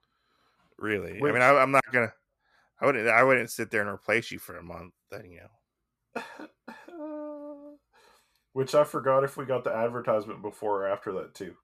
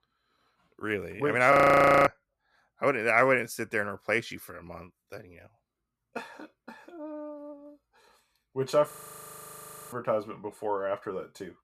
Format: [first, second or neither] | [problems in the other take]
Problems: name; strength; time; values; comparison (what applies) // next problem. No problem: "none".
first | audio freezing; at 1.5 s for 0.5 s and at 9 s for 1 s